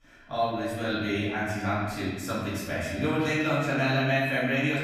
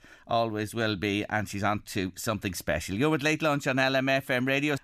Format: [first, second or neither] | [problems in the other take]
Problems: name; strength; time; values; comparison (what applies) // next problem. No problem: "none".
second | off-mic speech; far // room echo; strong; dies away in 1.2 s